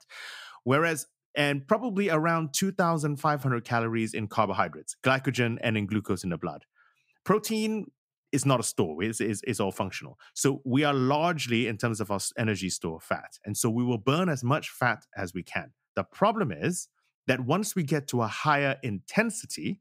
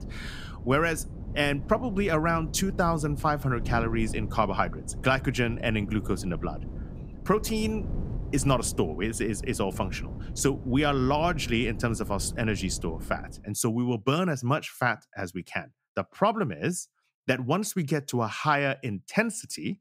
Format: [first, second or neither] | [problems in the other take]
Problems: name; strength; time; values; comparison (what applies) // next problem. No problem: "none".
first | wind noise on the microphone; occasional gusts; until 13 s; 20 dB below the speech